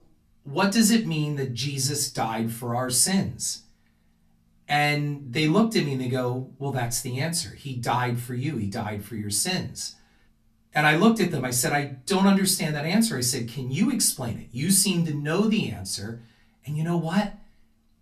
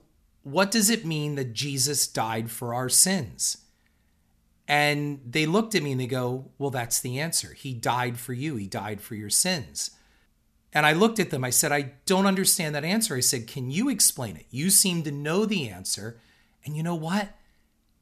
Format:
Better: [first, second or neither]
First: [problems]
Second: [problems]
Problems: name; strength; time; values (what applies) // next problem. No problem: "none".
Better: second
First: off-mic speech; far // room echo; very slight; dies away in 0.2 s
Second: none